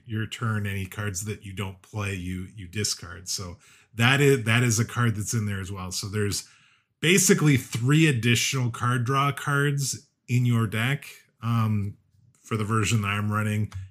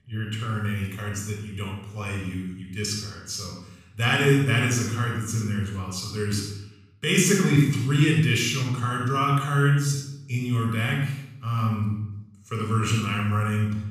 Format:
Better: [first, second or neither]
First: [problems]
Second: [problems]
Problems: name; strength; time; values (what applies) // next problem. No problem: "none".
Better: first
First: none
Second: off-mic speech; somewhat distant // room echo; noticeable; dies away in 0.7 s